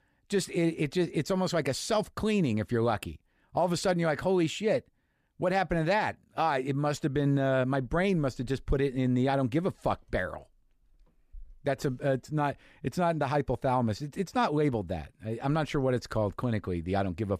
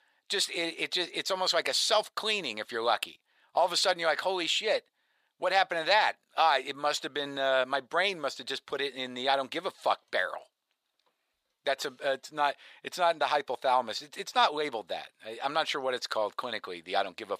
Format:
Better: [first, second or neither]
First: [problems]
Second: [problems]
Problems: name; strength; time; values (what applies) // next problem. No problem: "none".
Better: first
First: none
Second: thin; very; fading below 750 Hz